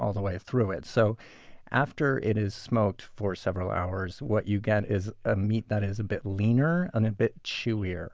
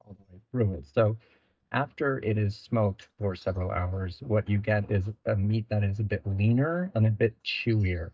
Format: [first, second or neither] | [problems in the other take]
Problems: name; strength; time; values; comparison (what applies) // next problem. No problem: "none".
first | noise reduction (neural mask model DeepFilterNet 3)